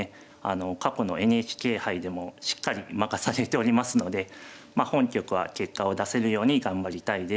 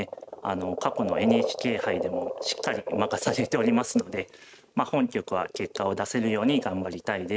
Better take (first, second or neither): first